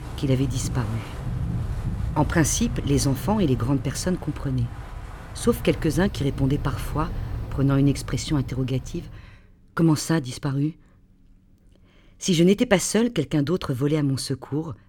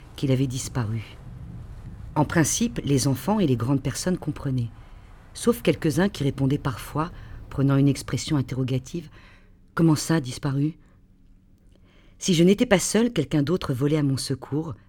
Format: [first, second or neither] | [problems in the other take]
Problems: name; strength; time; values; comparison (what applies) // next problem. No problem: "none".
second | wind in the background; loud; until 9 s; 9 dB below the speech; faint in the second